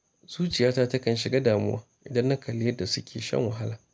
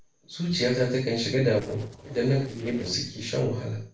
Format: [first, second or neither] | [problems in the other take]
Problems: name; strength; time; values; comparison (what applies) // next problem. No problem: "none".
first | noise reduction (neural separator model SepFormer DNS4)